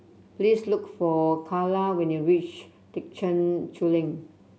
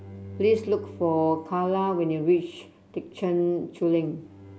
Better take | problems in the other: first | background sound (Bowed string instrument); 20 dB below the speech

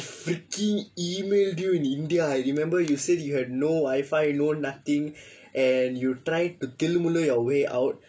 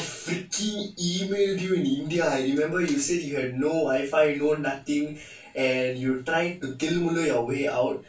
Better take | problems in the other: first | room echo; dies away in 0.2 s

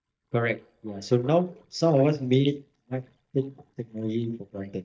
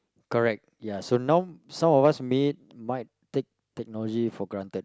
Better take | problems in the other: second | noise reduction (neural mask model DeepFilterNet 3)

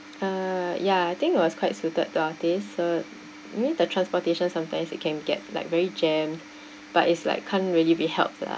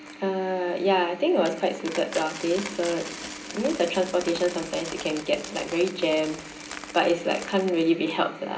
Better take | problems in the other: first | background sound (Coin (dropping)); 14 dB below the speech // room echo; dies away in 0.5 s

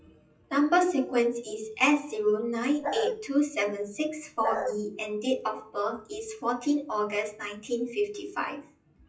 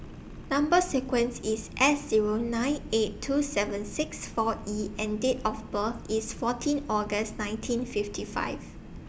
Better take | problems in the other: second | noise reduction (classical method WPE with log-MMSE)

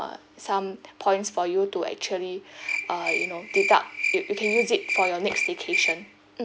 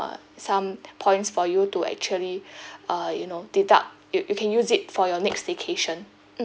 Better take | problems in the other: second | background sound (Cricket); 2 dB below the speech

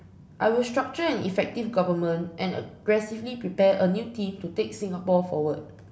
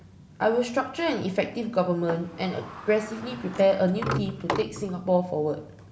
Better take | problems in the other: first | background sound (Sliding door); 11 dB below the speech

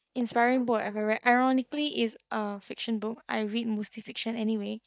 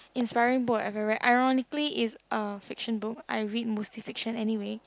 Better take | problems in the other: second | noise reduction (neural mask model DeepFilterNet 3)

